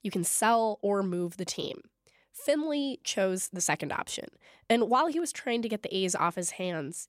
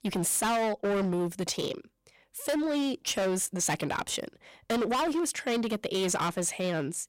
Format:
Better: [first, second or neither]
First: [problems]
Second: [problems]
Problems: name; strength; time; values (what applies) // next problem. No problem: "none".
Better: first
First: none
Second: distortion; heavy; 21% of the sound clipped